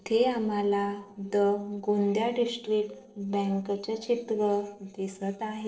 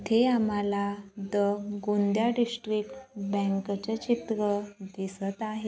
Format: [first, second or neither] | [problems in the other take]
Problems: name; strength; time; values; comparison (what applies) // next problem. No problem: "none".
second | noise reduction (neural separator model SepFormer DNS4)